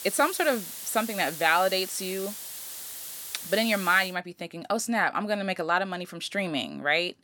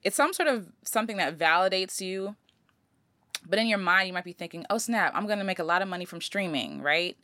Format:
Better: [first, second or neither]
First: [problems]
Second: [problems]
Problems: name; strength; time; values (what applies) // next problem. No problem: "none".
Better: second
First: hiss; loud; until 4 s; 10 dB below the speech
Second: none